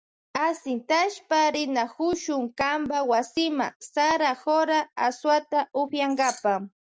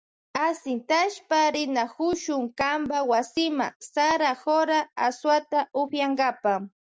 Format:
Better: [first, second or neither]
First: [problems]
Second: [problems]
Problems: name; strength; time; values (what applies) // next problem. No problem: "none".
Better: second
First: background sound (Keys jangling); 13 dB below the speech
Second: none